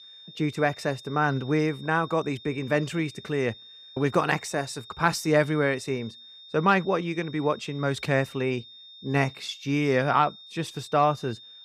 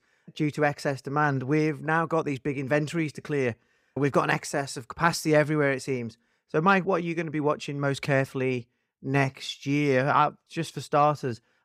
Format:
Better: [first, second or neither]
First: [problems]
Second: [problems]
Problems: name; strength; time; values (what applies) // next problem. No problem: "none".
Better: second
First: high-pitched whine; noticeable; throughout; 3.5 kHz, 20 dB below the speech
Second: none